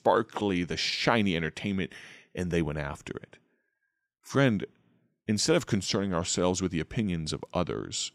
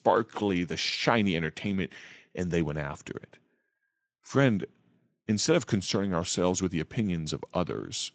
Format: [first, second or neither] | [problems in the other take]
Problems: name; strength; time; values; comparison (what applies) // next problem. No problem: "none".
first | garbled, watery; slightly; nothing above 7.5 kHz